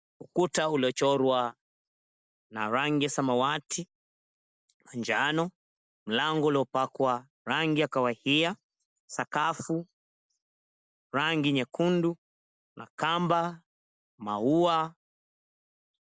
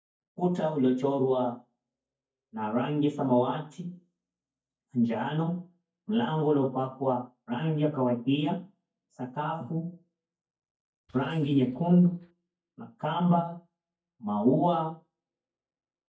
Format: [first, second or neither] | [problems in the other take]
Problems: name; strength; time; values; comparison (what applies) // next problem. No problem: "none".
first | noise reduction (neural mask model DeepFilterNet 3)